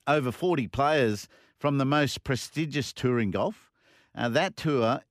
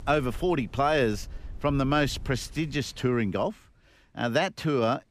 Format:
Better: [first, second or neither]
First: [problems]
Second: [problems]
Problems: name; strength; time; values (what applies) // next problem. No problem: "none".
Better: first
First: none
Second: wind in the background; noticeable; throughout; 15 dB below the speech